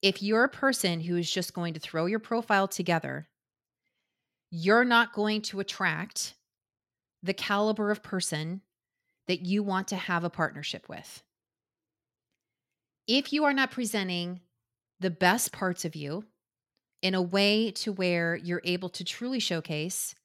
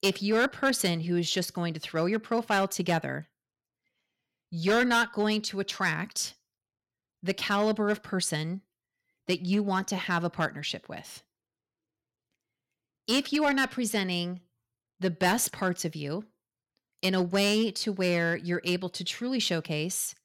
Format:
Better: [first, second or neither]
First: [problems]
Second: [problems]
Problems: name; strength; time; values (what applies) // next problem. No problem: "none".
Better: first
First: none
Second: distortion; slight; 3% of the sound clipped